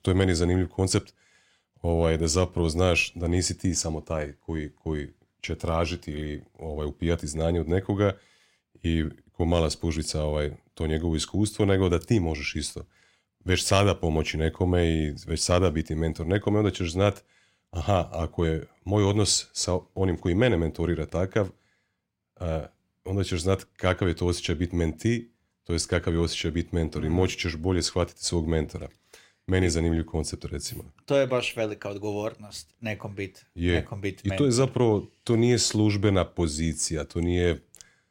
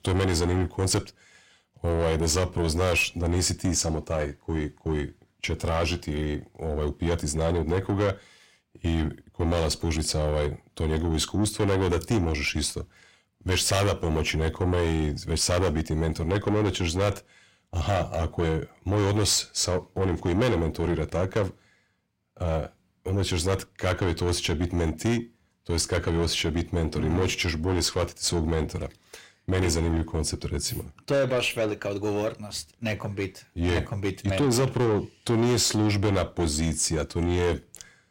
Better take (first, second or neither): first